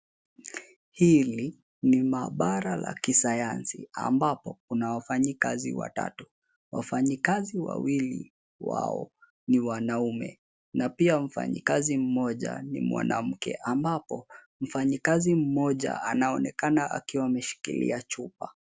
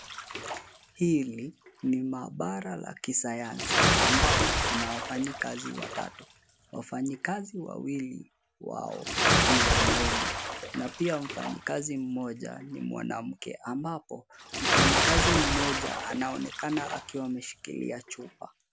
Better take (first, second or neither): first